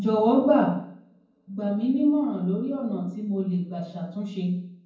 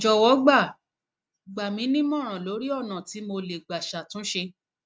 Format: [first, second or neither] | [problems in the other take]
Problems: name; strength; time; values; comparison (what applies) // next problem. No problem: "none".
second | room echo; dies away in 0.9 s